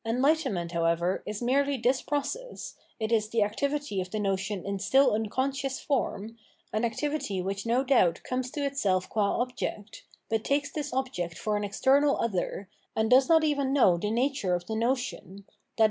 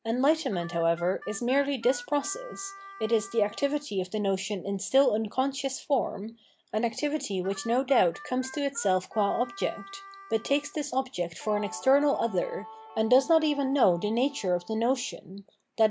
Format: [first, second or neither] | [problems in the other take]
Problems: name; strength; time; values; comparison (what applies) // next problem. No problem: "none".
first | background sound (Guitar + Harmonica); 18 dB below the speech